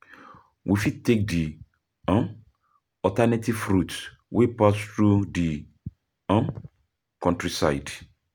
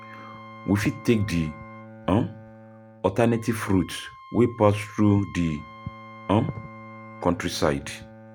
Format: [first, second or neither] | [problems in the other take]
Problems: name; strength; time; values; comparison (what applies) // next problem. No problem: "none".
first | background sound (Wind instrument, woodwind instrument + Bowed string instrument); 18 dB below the speech